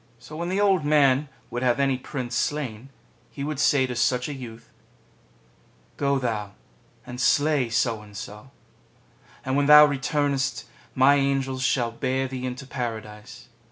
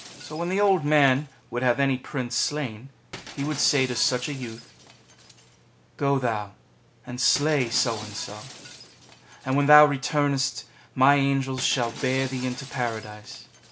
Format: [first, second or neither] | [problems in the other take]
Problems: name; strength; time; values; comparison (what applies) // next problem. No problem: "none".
first | background sound (Shatter); 18 dB below the speech